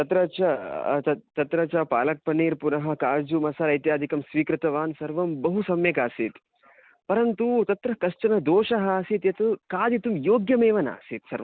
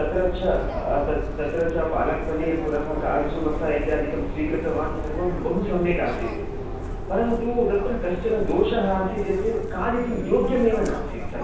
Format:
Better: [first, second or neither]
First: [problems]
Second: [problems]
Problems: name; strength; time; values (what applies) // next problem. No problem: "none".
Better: first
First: none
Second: background sound (Subway, metro, underground); 5 dB below the speech // room echo; dies away in 0.7 s